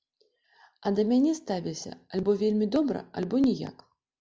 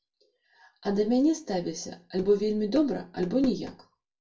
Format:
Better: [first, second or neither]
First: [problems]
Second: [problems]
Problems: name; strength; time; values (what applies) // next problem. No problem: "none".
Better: first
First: none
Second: room echo; dies away in 0.2 s